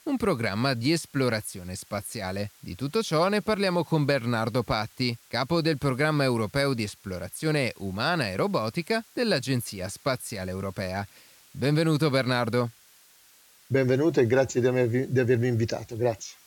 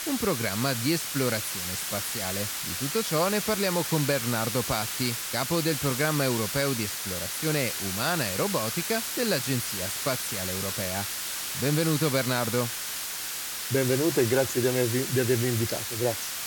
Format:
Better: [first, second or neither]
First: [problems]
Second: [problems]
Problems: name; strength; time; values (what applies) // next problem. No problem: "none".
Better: first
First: hiss; faint; throughout; 25 dB below the speech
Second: hiss; loud; throughout; 2 dB below the speech